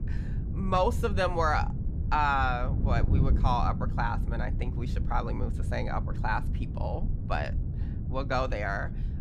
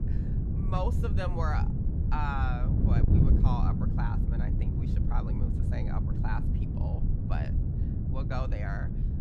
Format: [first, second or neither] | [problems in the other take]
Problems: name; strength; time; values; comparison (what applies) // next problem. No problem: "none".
first | wind noise on the microphone; heavy; 3 dB below the speech; occasional gusts in the first